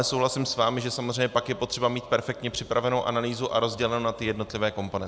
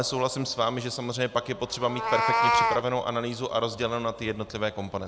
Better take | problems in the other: first | background sound (Meow); 2 dB below the speech

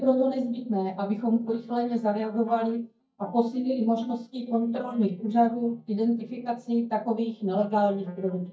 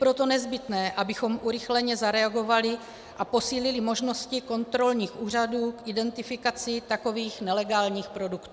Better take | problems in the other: second | noise reduction (neural mask model DeepFilterNet 3)

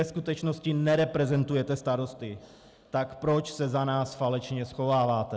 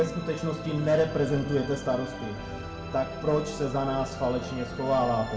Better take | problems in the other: first | background sound (Musical instrument); 9 dB below the speech // room echo; dies away in 0.7 s

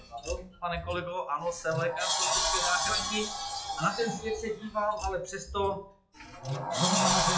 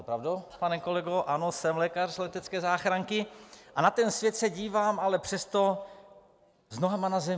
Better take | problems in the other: second | noise reduction (classical method WPE with log-MMSE)

